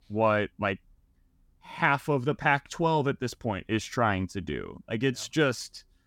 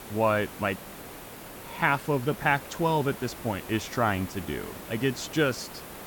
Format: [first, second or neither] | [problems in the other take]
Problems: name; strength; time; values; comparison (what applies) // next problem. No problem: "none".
first | hiss; noticeable; throughout; 15 dB below the speech